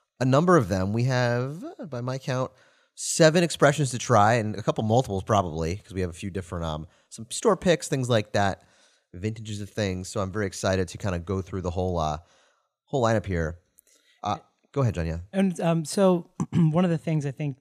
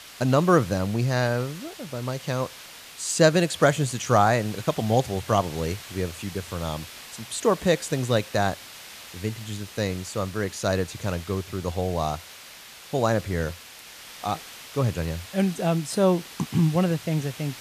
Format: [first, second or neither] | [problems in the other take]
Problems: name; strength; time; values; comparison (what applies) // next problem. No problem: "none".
first | hiss; noticeable; throughout; 15 dB below the speech